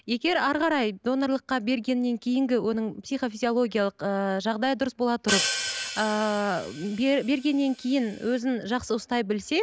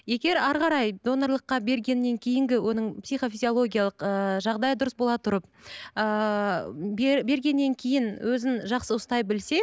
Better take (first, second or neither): second